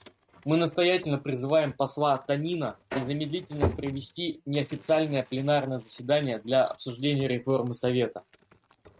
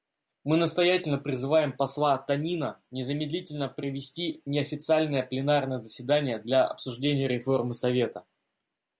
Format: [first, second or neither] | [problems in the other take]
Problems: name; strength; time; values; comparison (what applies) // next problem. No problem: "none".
second | noise reduction (neural mask model RNNoise)